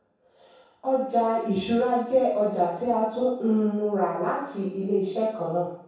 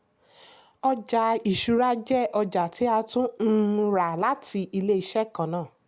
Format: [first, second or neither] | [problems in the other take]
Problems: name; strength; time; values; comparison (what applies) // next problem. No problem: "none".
second | room echo; dies away in 0.7 s